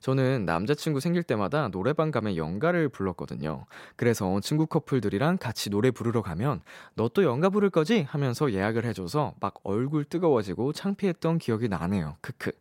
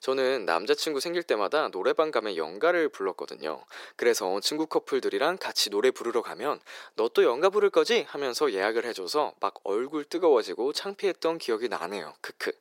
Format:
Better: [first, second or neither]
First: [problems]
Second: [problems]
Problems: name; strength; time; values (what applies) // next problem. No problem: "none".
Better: first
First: none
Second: thin; very; fading below 400 Hz